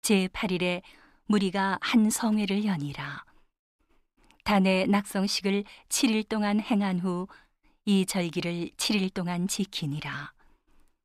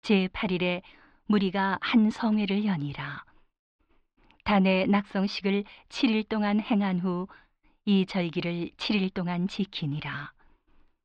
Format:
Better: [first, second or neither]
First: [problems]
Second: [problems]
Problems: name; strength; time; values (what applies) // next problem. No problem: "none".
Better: first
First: none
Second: muffled; slightly; fading above 4 kHz